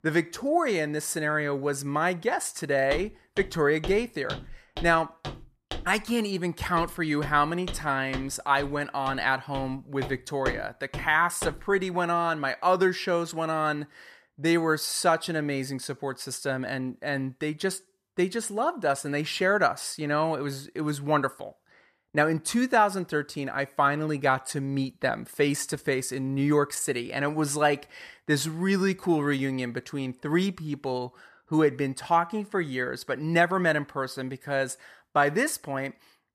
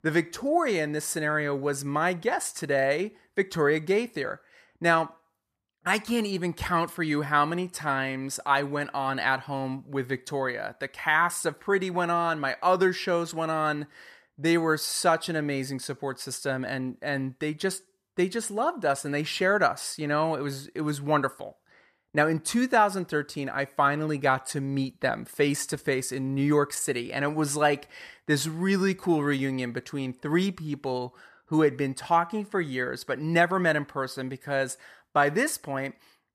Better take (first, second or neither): second